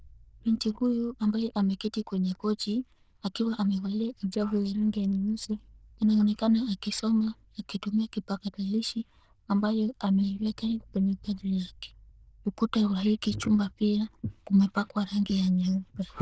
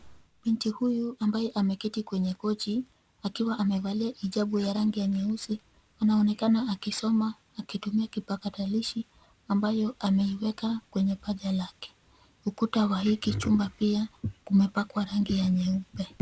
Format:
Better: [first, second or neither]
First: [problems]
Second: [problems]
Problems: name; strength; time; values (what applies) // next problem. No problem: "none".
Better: second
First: noise reduction (neural diffusion model UNIVERSE++)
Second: none